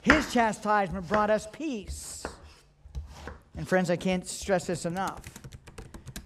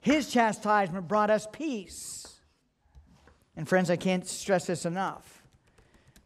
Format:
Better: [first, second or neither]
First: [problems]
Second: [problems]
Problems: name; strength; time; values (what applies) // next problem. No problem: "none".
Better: second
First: household noises; loud; throughout; 8 dB below the speech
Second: household noises; faint; throughout; 25 dB below the speech